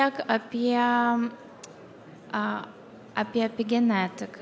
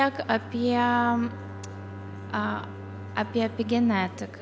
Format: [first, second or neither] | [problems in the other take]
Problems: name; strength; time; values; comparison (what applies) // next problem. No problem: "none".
first | background sound (Bowed string instrument); 12 dB below the speech